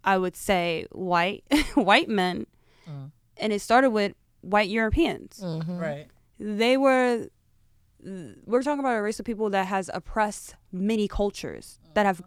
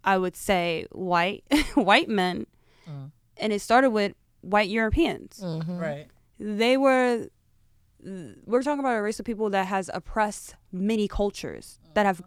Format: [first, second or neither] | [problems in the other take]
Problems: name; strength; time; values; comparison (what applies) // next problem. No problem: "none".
neither | none